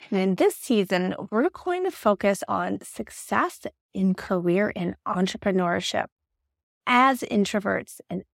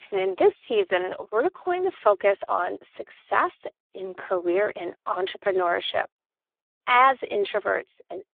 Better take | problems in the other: first | phone-call audio; poor line; nothing above 3.5 kHz

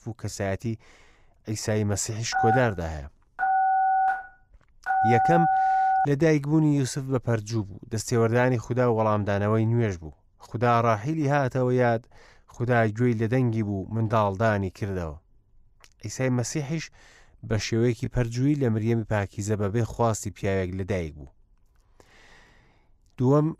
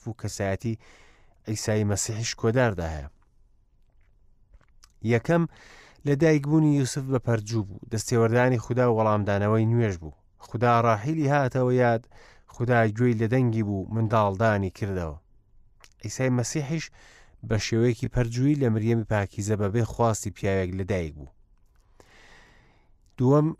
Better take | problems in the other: second | phone ringing; loud; from 2.5 to 6 s; peak 4 dB above the speech

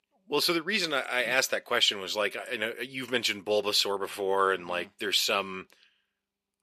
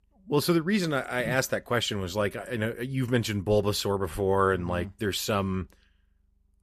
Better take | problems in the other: second | thin; somewhat; fading below 400 Hz

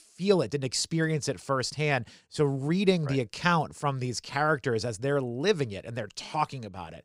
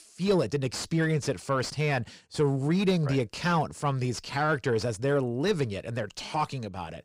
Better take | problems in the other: first | distortion; slight; 10 dB below the speech

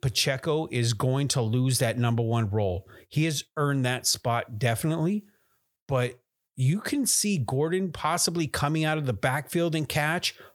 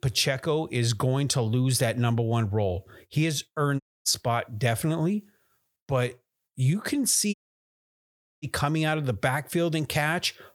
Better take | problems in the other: first | audio cutting out; at 4 s and at 7.5 s for 1 s

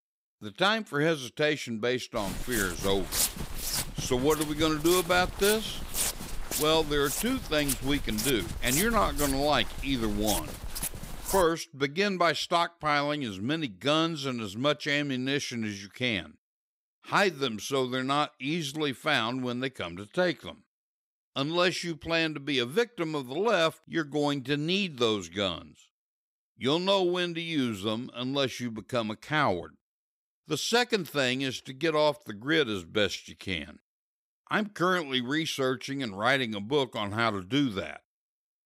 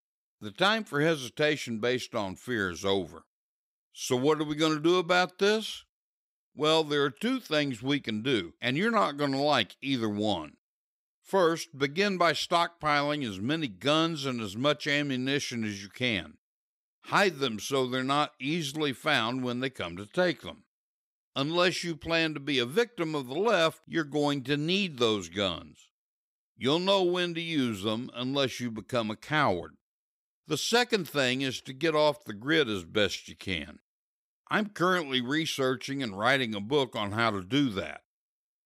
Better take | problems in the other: second | footsteps; loud; from 2 to 11 s; peak 1 dB above the speech

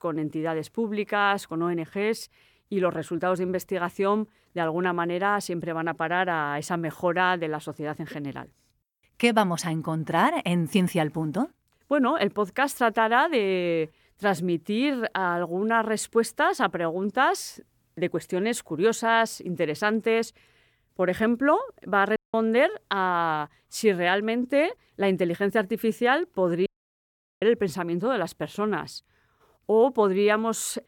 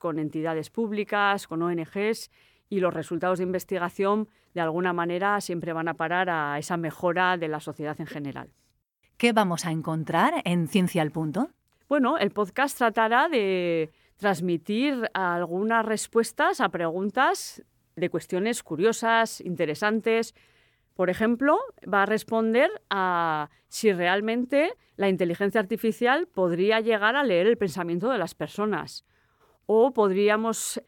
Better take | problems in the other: second | audio cutting out; at 22 s and at 27 s for 1 s

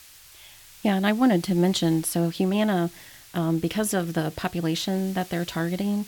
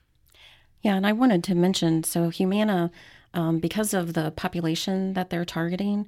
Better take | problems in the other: second | hiss; faint; throughout; 20 dB below the speech

